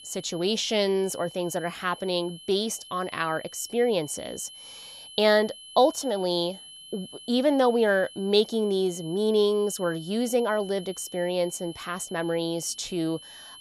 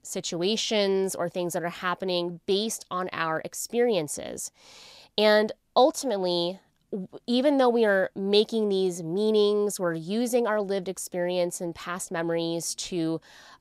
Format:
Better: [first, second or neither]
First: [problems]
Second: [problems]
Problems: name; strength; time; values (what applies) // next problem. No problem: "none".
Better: second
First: high-pitched whine; noticeable; throughout; 3 kHz, 15 dB below the speech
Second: none